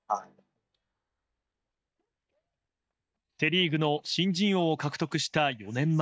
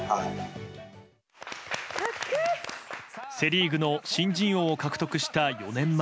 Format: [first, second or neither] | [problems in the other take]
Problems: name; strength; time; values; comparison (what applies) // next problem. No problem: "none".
second | noise reduction (neural mask model DeepFilterNet 3)